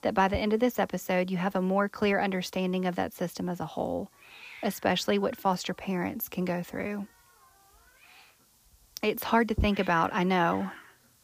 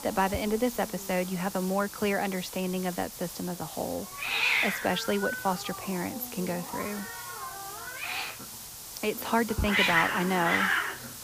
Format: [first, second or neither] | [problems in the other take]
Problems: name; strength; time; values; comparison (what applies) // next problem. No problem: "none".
first | hiss; loud; throughout; 1 dB below the speech; faint in the first